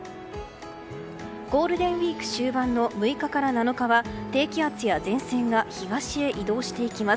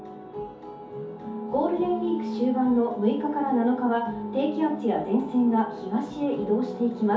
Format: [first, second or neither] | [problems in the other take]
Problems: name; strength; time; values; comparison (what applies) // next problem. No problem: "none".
first | room echo; dies away in 0.5 s